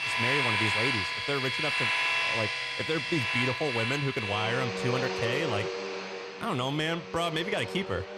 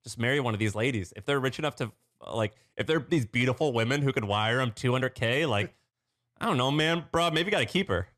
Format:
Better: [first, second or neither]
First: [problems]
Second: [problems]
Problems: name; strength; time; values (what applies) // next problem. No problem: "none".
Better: second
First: household noises; very loud; throughout; 3 dB above the speech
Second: none